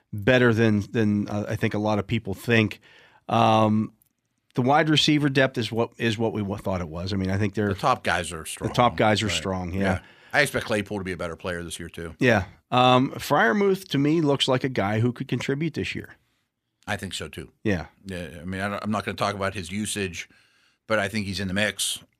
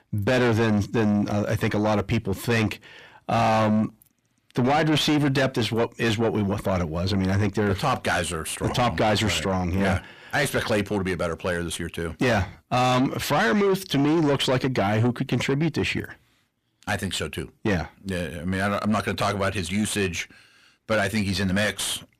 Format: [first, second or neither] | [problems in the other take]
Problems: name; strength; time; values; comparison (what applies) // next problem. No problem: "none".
first | distortion; heavy; 6 dB below the speech